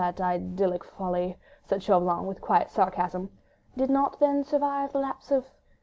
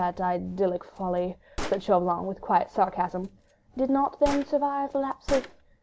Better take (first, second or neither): first